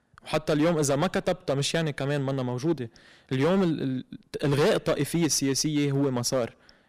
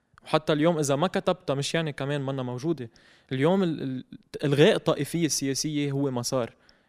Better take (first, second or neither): second